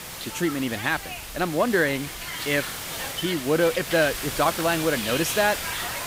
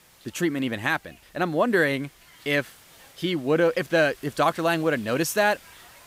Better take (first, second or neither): second